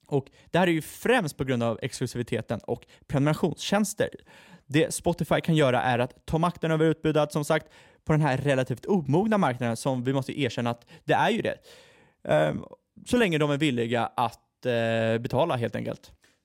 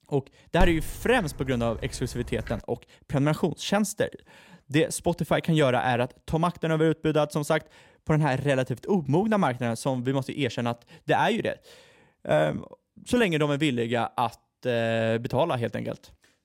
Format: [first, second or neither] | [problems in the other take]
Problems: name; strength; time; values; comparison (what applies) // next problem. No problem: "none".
first | dog barking; noticeable; at 0.5 s; peak 6 dB below the speech